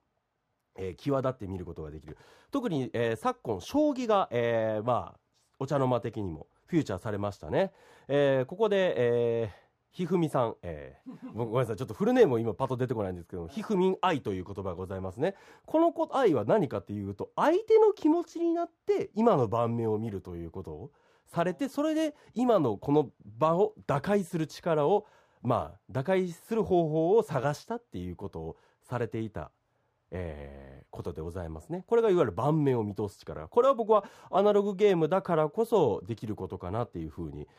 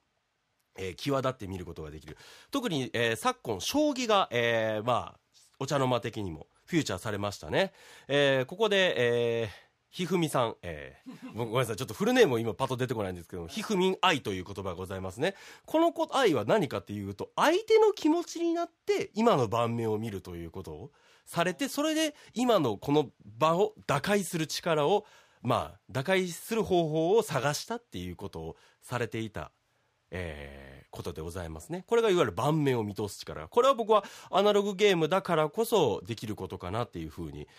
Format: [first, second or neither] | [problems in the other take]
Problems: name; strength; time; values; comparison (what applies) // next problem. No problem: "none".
second | muffled; slightly; fading above 1.5 kHz